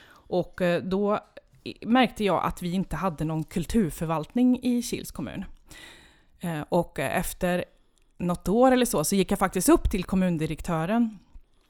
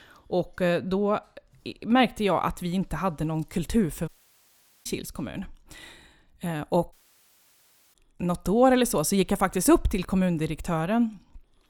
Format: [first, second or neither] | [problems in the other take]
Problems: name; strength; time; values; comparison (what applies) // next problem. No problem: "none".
first | audio cutting out; at 4 s for 1 s and at 7 s for 1 s